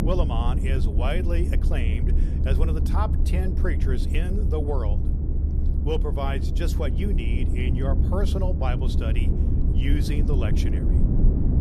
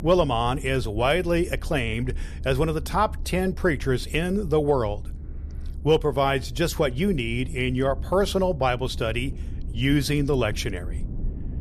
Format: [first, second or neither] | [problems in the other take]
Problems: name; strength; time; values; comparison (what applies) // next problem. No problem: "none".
second | low rumble; loud; throughout; 5 dB below the speech; faint in the second